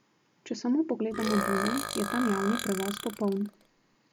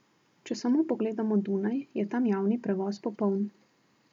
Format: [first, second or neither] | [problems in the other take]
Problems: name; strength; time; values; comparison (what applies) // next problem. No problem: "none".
second | background sound (Burping, eructation); 5 dB below the speech